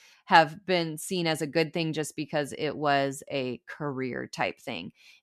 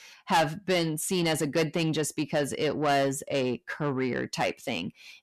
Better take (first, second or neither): first